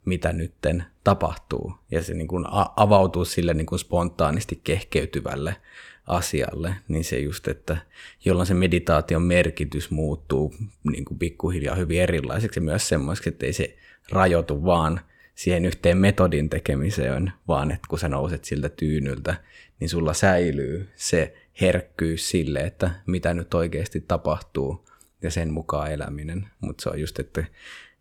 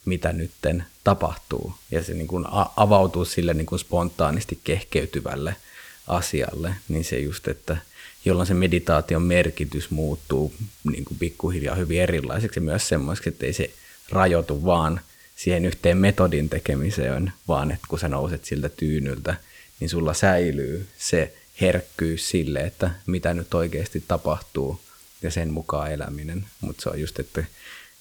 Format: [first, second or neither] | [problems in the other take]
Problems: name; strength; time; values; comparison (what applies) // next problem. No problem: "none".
first | hiss; faint; throughout; 25 dB below the speech